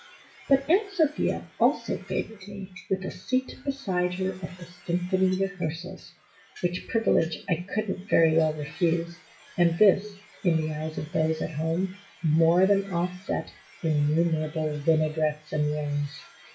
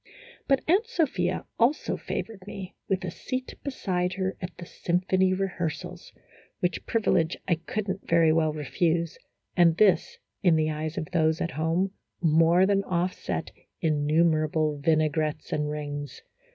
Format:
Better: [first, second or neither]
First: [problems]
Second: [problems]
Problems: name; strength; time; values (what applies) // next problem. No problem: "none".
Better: second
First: noise reduction (classical method WPE with log-MMSE)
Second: none